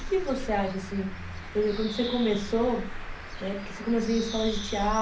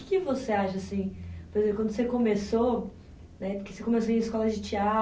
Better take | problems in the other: second | background sound (Bird); 8 dB below the speech

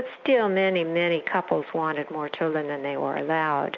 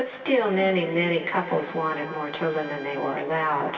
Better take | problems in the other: first | background sound (Trumpet); 20 dB below the speech // room echo; dies away in 2.4 s

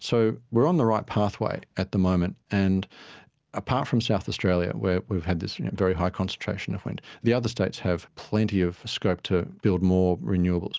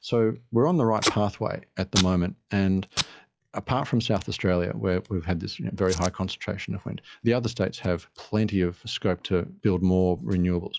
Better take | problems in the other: first | noise reduction (classical method log-MMSE)

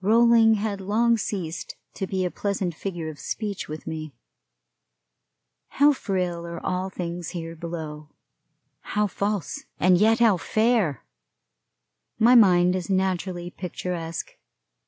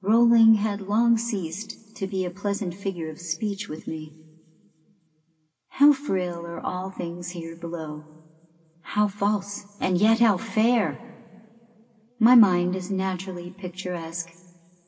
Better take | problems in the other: first | room echo; dies away in 1.9 s

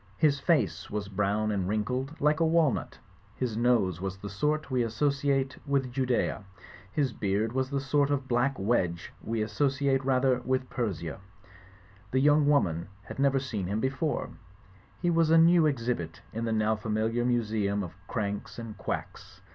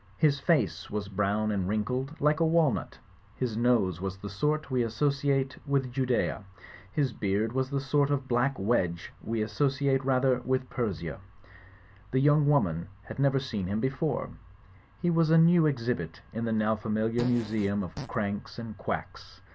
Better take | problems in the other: first | background sound (Fart); 13 dB below the speech

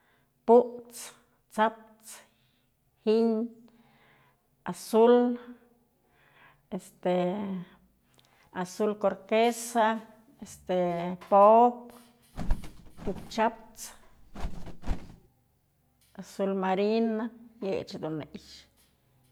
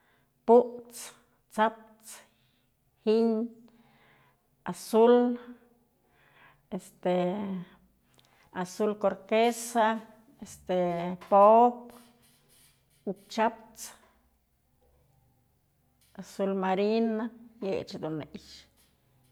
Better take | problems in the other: second | background sound (Bird); 4 dB below the speech

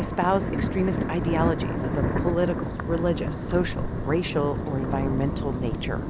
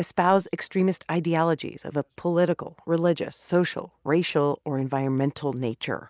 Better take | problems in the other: second | background sound (Thunder); as loud as the speech

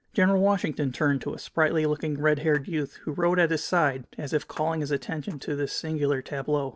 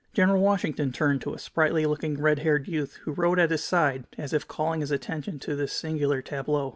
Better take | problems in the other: second | noise reduction (neural separator model SepFormer DNS4)

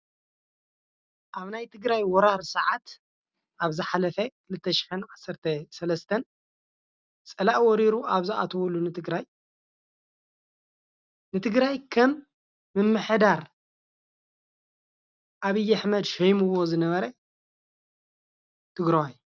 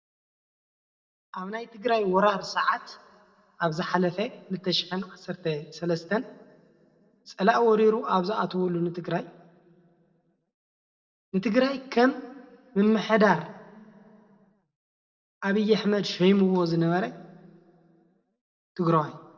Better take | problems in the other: first | room echo; dies away in 1.2 s

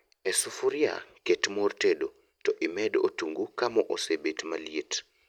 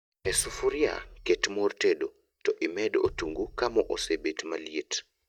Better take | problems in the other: first | noise reduction (neural mask model DeepFilterNet 3)

